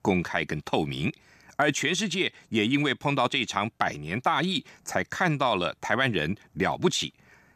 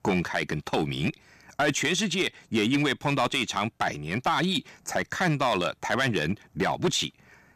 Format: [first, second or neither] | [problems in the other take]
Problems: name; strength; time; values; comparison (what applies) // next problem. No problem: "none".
first | distortion; slight; 5% of the sound clipped